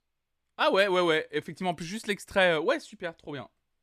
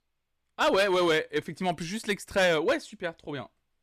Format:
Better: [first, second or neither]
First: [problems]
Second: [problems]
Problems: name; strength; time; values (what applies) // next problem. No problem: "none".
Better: first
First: none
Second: distortion; slight; 5% of the sound clipped